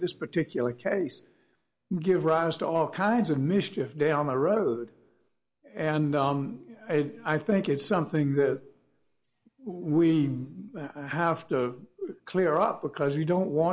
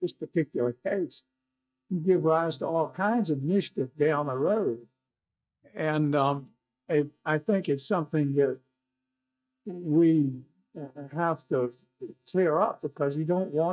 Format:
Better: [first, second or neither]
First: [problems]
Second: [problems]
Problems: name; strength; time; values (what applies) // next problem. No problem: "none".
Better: first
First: none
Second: noise reduction (neural mask model DeepFilterNet 3)